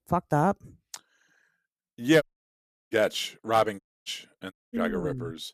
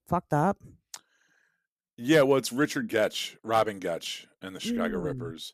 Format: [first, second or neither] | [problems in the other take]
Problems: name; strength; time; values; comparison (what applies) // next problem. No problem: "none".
second | audio cutting out; at 2 s for 0.5 s, at 4 s and at 4.5 s